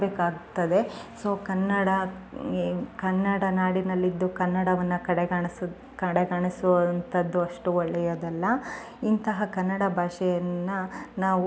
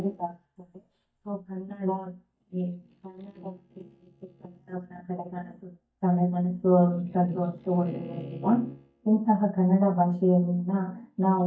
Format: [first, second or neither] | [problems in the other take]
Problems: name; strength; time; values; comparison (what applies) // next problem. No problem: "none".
first | noise reduction (neural mask model DeepFilterNet 3)